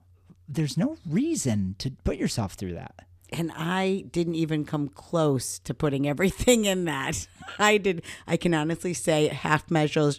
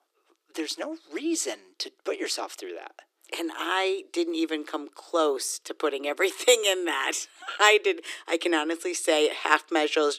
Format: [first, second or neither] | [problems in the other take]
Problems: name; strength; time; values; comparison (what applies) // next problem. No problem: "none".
first | thin; very; fading below 300 Hz